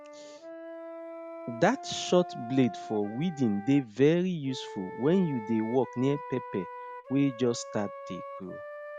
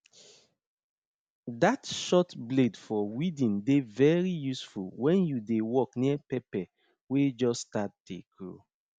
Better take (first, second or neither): second